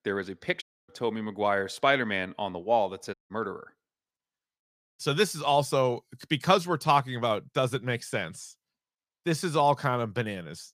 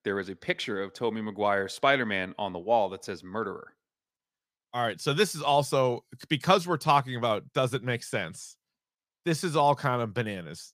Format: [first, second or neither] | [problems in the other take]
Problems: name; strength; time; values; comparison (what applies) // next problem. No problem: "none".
second | audio cutting out; at 0.5 s, at 3 s and at 4.5 s